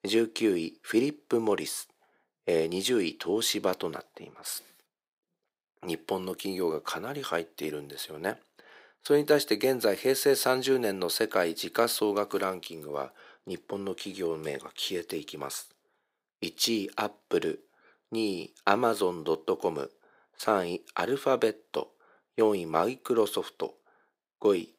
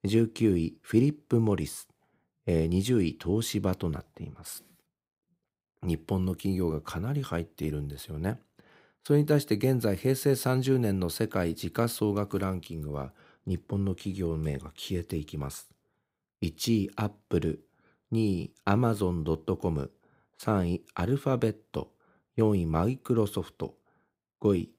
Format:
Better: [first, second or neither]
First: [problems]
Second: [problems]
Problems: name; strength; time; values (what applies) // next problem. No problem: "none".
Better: second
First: thin; somewhat; fading below 500 Hz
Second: none